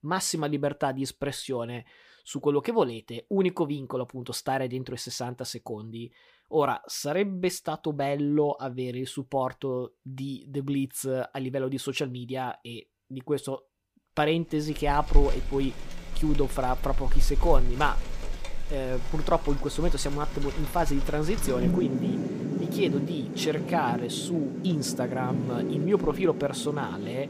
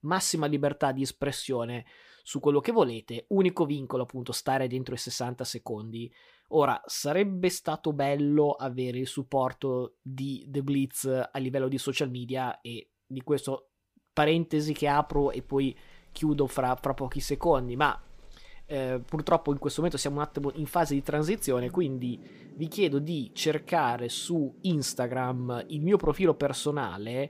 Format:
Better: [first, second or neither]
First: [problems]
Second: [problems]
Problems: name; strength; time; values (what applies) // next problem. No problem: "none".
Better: second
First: rain or running water; loud; from 15 s on; 4 dB below the speech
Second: rain or running water; faint; from 15 s on; 25 dB below the speech